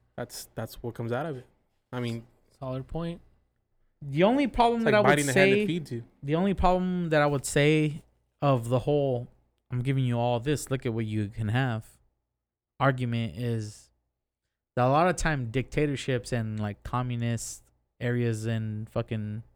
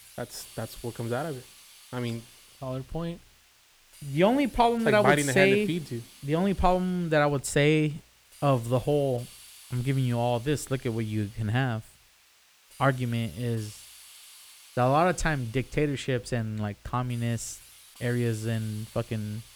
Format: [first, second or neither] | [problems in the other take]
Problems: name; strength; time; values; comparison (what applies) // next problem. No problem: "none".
first | hiss; faint; throughout; 20 dB below the speech